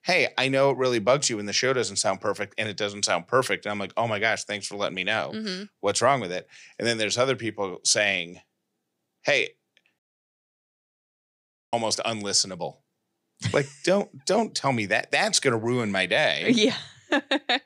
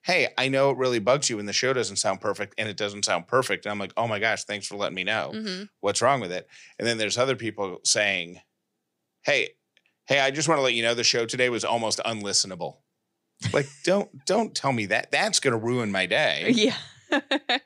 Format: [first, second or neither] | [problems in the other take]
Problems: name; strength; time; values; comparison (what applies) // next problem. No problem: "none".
second | audio cutting out; at 10 s for 1.5 s